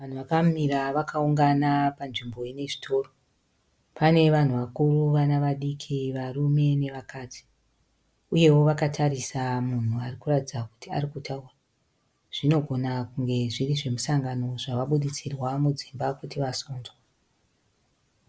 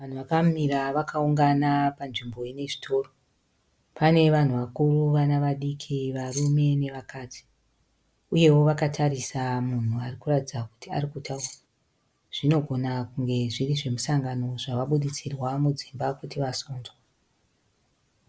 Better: first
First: none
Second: background sound (Keys jangling); 13 dB below the speech

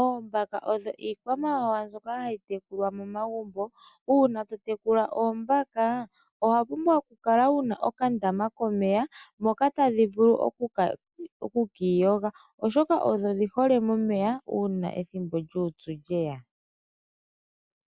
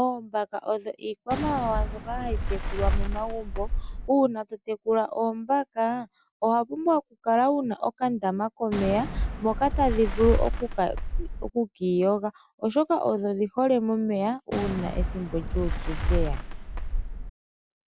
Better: first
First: none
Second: background sound (Fireworks); 1 dB below the speech

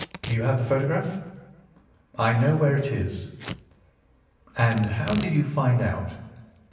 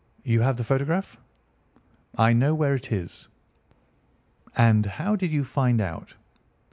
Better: second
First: background sound (Packing tape, duct tape / Tearing); 17 dB below the speech // room echo; dies away in 1 s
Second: none

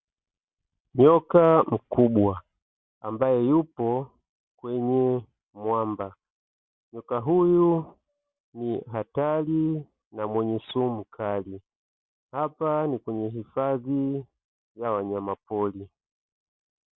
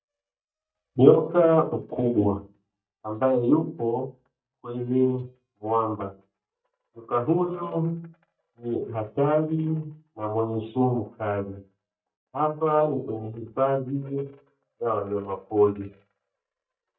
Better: first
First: none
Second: noise reduction (neural mask model DeepFilterNet 3)

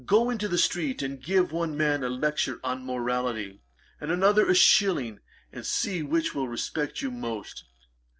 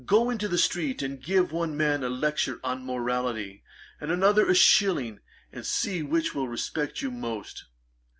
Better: second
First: noise reduction (neural separator model SepFormer DNS4)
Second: none

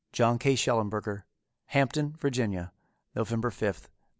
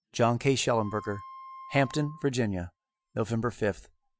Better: first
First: none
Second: noise reduction (classical method Wiener filter)

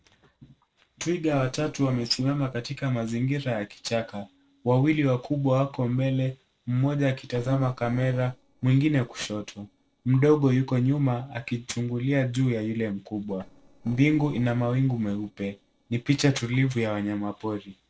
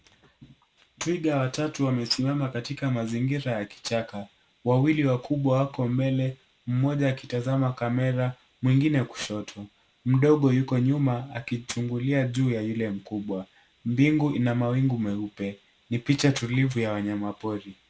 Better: second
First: noise reduction (neural separator model SepFormer DNS4)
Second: none

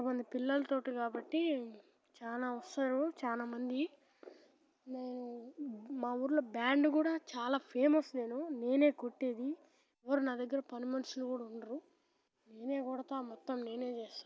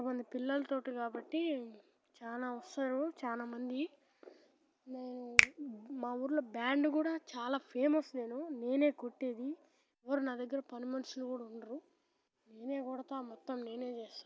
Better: first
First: none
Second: background sound (Finger snapping); 2 dB above the speech

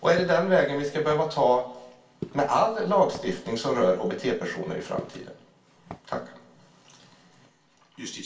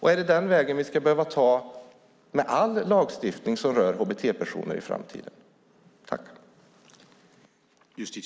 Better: second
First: background sound (Walk, footsteps); 18 dB below the speech // room echo; dies away in 0.3 s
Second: none

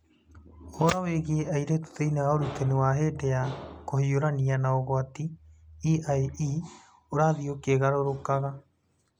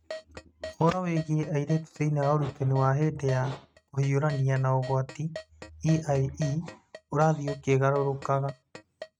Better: first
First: none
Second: noise reduction (neural mask model RNNoise)

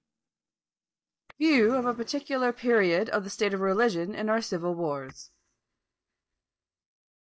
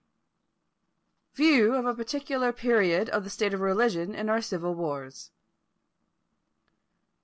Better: second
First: noise reduction (neural mask model DeepFilterNet 3)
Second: none

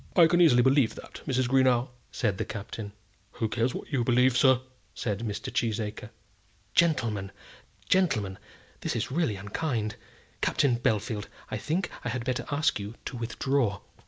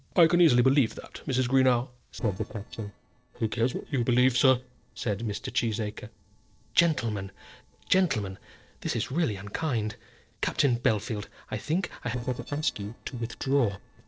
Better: first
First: none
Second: noise reduction (neural separator model SepFormer DNS4)

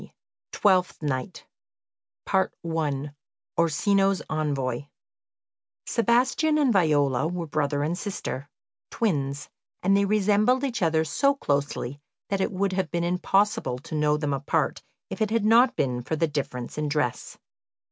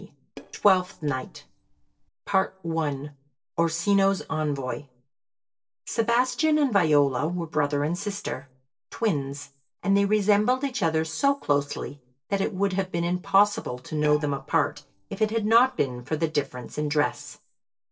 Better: first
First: none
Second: noise reduction (neural separator model SepFormer DNS4)

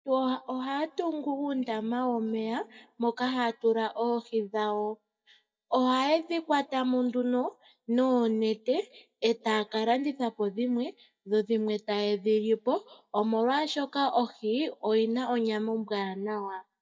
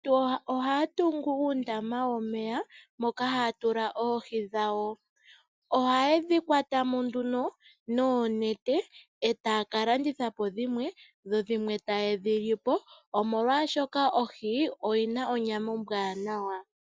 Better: second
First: noise reduction (neural mask model DeepFilterNet 3)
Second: none

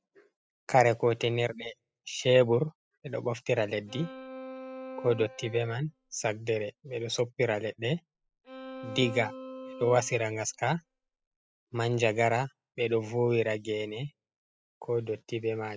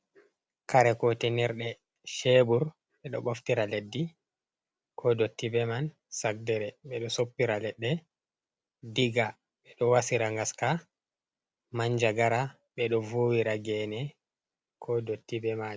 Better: second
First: noise reduction (classical method spectral subtraction)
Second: none

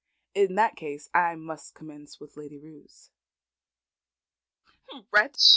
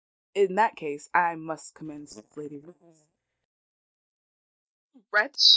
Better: first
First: none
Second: noise reduction (neural mask model DeepFilterNet 3)

